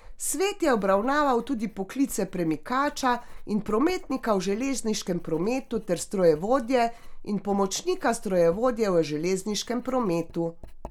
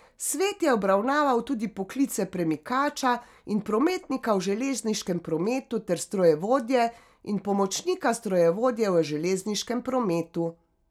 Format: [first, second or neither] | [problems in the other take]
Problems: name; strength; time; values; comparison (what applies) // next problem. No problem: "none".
second | background sound (Writing); 14 dB below the speech